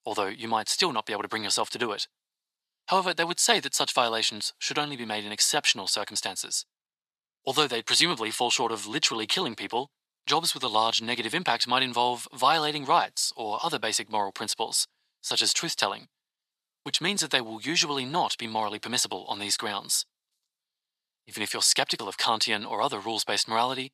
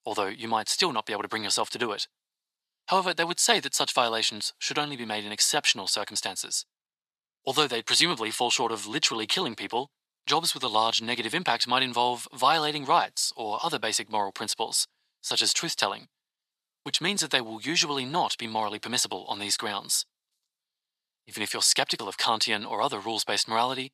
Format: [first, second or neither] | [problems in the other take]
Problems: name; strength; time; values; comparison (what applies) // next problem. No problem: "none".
neither | thin; very; fading below 600 Hz; the same in both